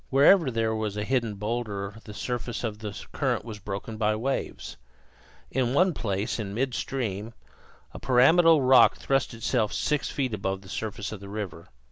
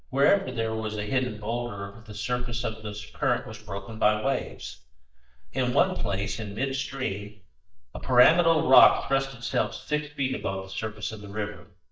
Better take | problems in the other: first | noise reduction (neural mask model DeepFilterNet 3)

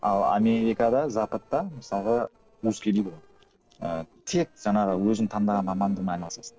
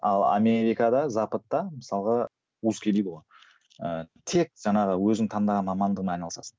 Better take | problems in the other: second | noise reduction (neural separator model SepFormer DNS4)

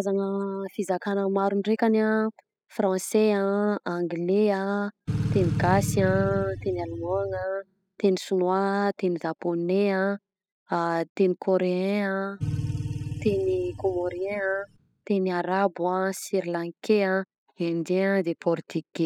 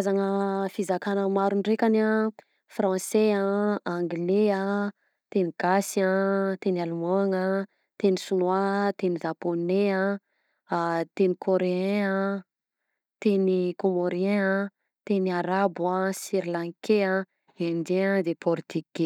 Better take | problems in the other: second | noise reduction (classical method spectral subtraction)

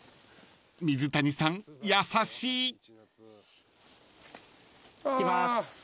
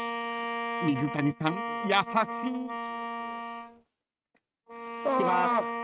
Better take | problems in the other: first | noise reduction (neural mask model RNNoise)

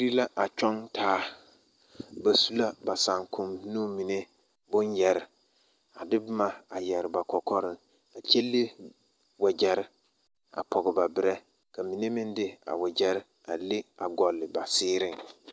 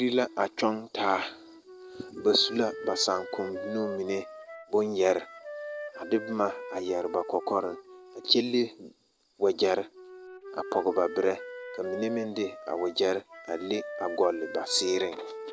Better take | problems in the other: first | background sound (Wind instrument, woodwind instrument); 12 dB below the speech

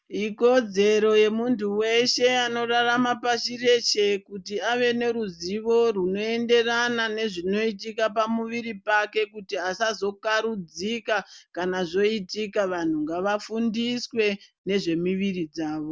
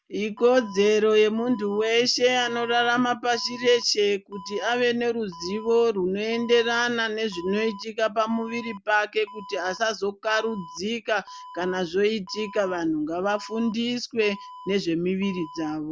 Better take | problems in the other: first | background sound (Alarm); 20 dB below the speech

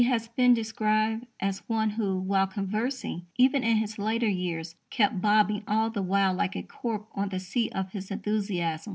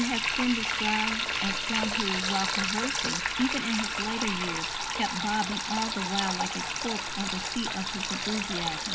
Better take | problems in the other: first | background sound (Sink (filling or washing)); 2 dB above the speech

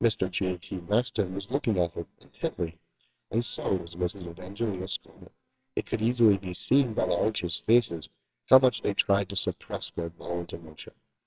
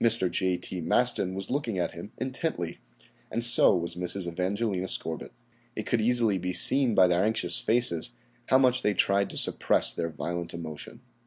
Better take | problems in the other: second | noise reduction (neural separator model SepFormer WHAMR!)

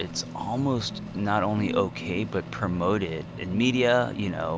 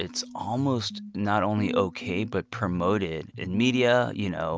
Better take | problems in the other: second | background sound (Microwave oven); 13 dB below the speech

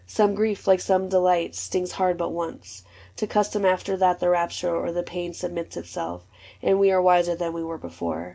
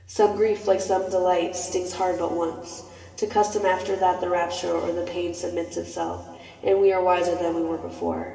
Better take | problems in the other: first | room echo; dies away in 2.4 s

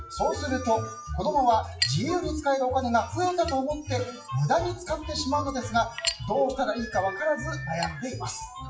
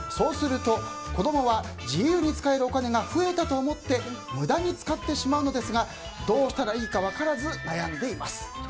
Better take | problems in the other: second | noise reduction (classical method WPE with log-MMSE)

